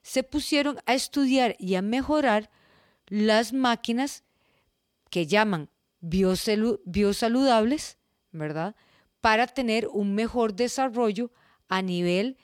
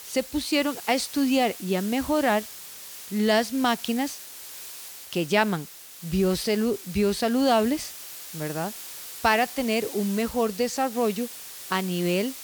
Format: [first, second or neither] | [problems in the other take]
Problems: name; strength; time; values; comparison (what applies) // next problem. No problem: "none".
first | hiss; noticeable; throughout; 10 dB below the speech